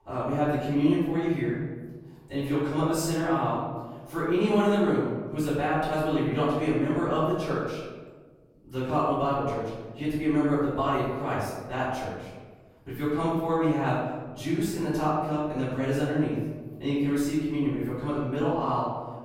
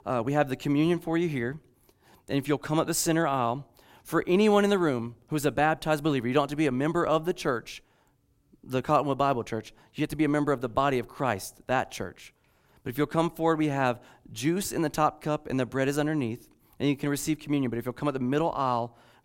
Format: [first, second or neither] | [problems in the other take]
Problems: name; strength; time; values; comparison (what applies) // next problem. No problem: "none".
second | off-mic speech; far // room echo; noticeable; dies away in 1.4 s